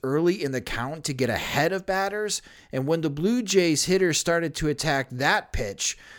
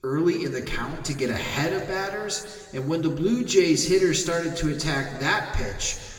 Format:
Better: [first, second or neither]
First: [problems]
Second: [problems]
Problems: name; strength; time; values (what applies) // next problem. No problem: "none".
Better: first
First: none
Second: room echo; noticeable; dies away in 1.5 s // off-mic speech; far